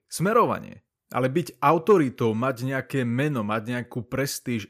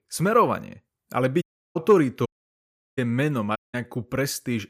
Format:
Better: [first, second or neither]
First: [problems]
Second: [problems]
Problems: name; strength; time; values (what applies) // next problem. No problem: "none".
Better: first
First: none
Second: audio cutting out; at 1.5 s, at 2.5 s for 0.5 s and at 3.5 s